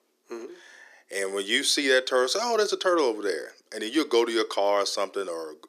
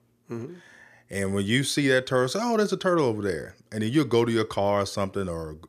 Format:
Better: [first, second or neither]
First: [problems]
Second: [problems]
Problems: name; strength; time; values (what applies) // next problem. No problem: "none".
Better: second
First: thin; somewhat; fading below 300 Hz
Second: none